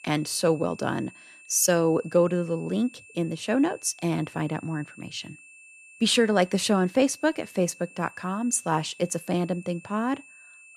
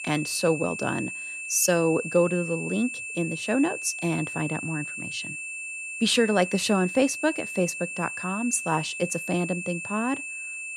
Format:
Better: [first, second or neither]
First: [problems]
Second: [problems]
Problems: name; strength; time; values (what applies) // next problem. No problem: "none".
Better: first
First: high-pitched whine; faint; throughout; 2.5 kHz, 20 dB below the speech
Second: high-pitched whine; loud; throughout; 2.5 kHz, 6 dB below the speech